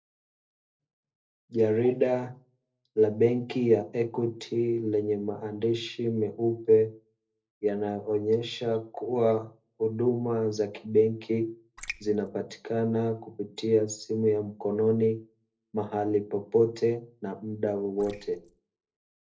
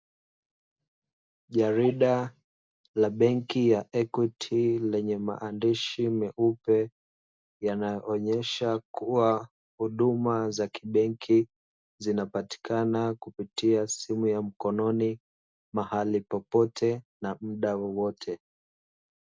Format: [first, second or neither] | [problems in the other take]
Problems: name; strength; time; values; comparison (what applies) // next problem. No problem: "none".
second | noise reduction (neural separator model SepFormer DNS4)